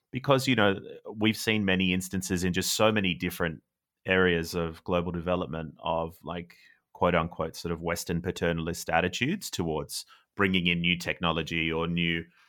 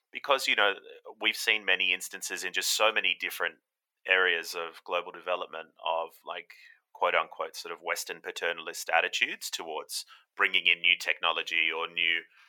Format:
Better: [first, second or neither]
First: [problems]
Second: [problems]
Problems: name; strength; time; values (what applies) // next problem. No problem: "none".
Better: first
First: none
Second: thin; very; fading below 550 Hz